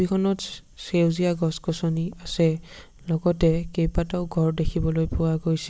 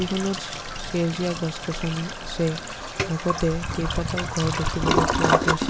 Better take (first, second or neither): first